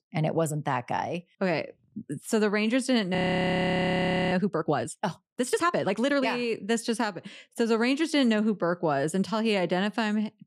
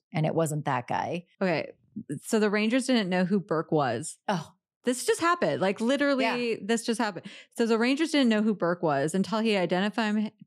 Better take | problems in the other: second | audio freezing; at 3 s for 1 s

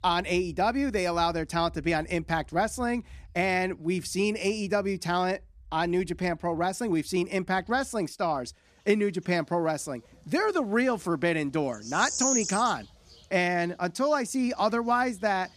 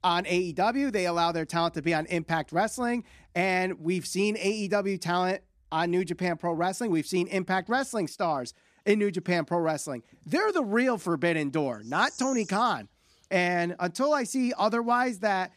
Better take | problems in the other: second | animal sounds; loud; throughout; 7 dB below the speech; faint in the second

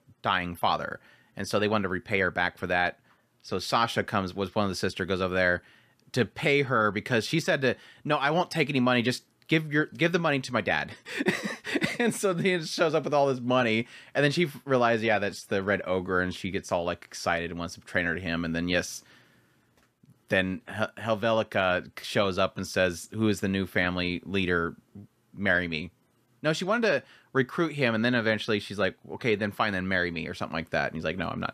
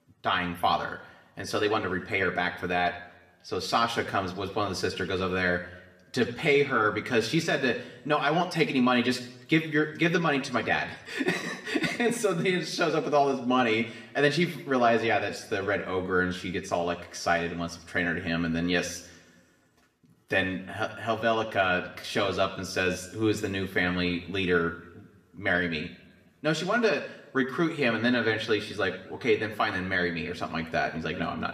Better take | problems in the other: first | room echo; very slight; dies away in 0.7 s

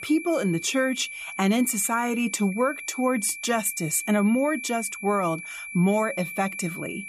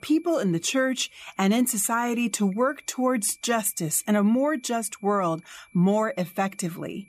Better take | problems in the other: second | high-pitched whine; loud; throughout; 2.5 kHz, 10 dB below the speech; faint in the second

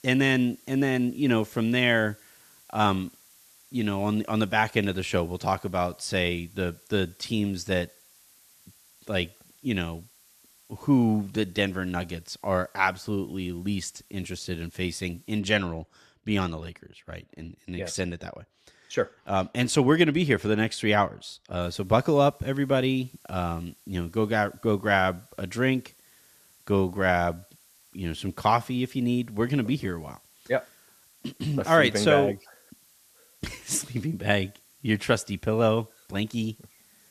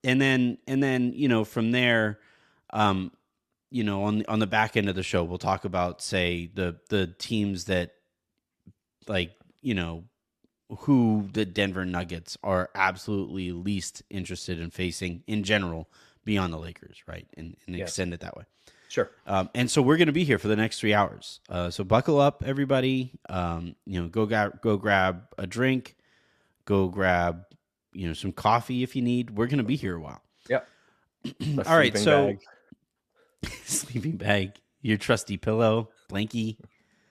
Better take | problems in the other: second | hiss; faint; until 15 s and from 22 s on; 30 dB below the speech

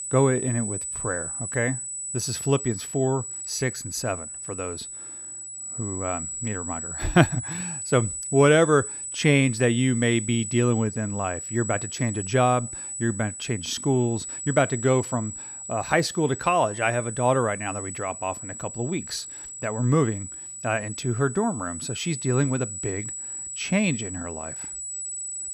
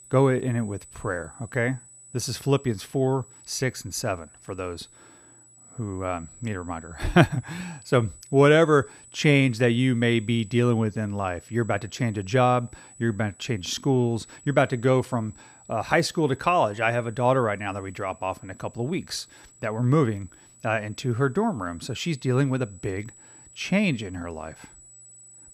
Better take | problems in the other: second | high-pitched whine; loud; throughout; 8 kHz, 7 dB below the speech; faint in the second

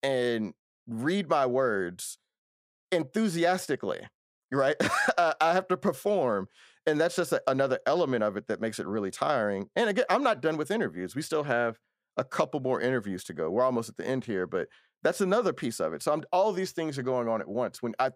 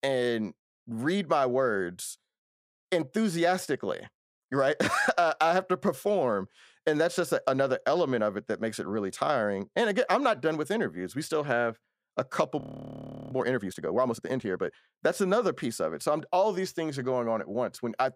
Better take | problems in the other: first | audio freezing; at 13 s for 0.5 s

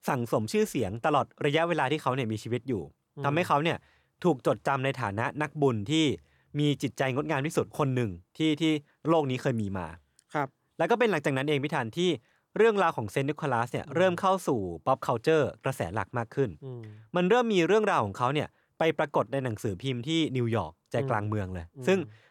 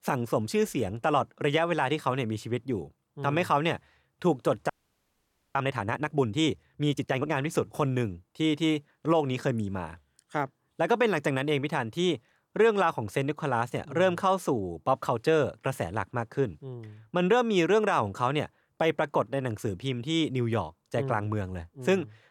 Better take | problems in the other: first | audio freezing; at 4.5 s for 1 s

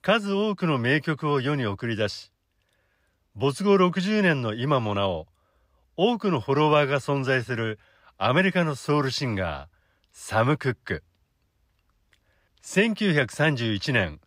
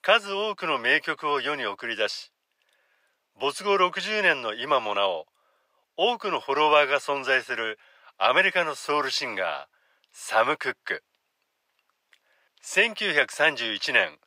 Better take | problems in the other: first | thin; very; fading below 650 Hz

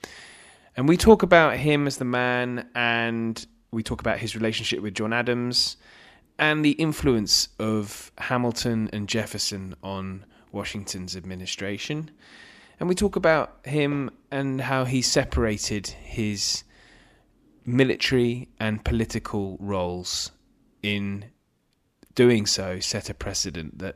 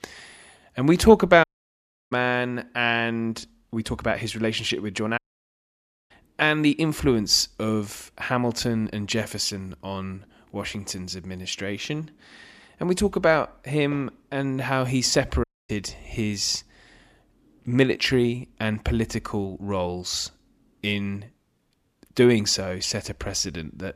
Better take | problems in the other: first | audio cutting out; at 1.5 s for 0.5 s, at 5 s for 1 s and at 15 s

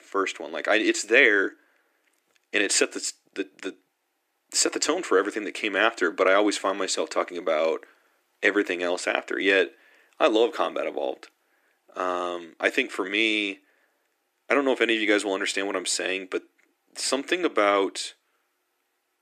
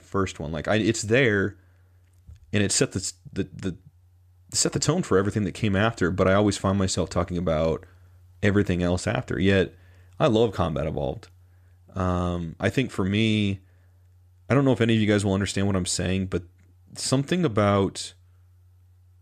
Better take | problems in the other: second | thin; somewhat; fading below 300 Hz

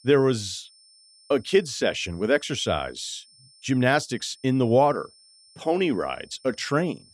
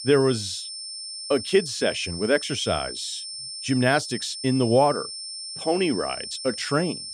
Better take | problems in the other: first | high-pitched whine; loud; throughout; 5.5 kHz, 8 dB below the speech; faint in the first

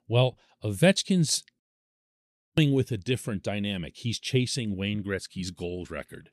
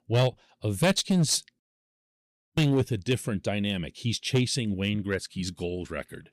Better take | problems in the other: first | distortion; slight; 4% of the sound clipped

